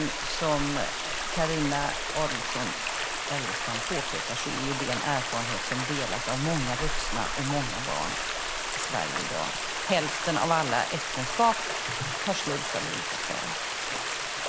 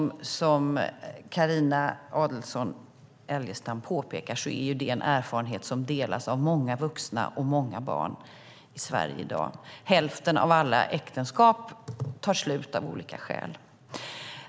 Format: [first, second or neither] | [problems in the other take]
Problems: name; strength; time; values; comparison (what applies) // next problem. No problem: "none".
second | background sound (Stream); 1 dB above the speech